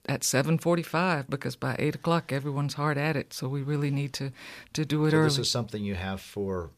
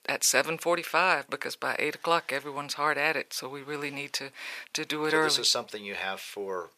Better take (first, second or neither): first